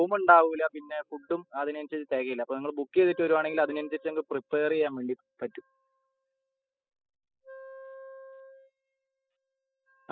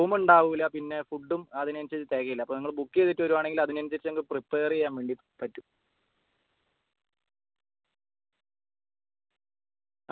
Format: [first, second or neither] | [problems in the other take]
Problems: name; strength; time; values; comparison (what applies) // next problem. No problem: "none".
second | noise reduction (classical method spectral subtraction)